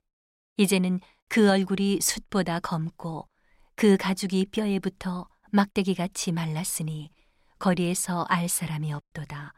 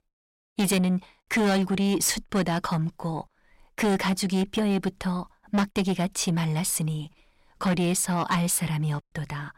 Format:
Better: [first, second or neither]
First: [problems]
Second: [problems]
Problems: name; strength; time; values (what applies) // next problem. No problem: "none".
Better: first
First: none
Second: distortion; heavy; 8 dB below the speech